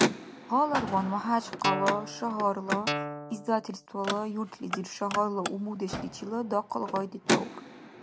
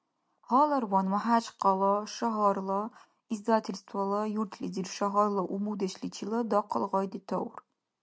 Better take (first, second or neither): second